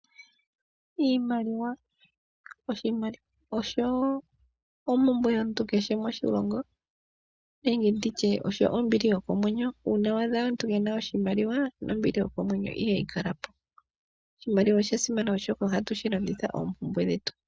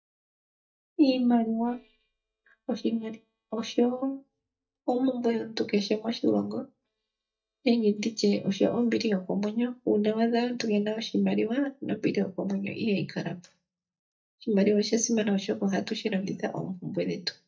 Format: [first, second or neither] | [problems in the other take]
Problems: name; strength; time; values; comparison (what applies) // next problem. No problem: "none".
first | noise reduction (neural mask model DeepFilterNet 3)